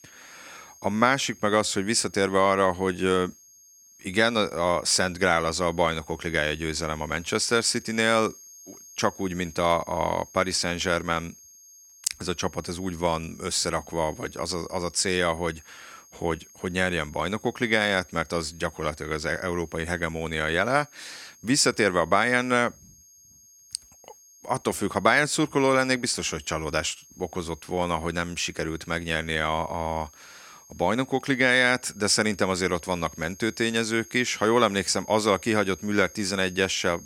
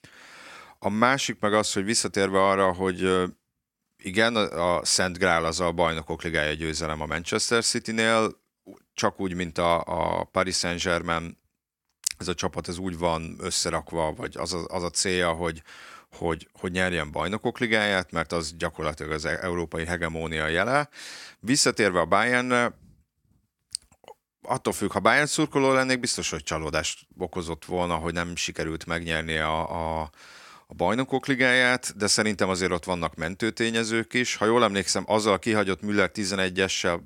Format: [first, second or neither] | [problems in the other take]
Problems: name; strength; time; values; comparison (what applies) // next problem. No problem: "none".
second | high-pitched whine; faint; throughout; 6.5 kHz, 25 dB below the speech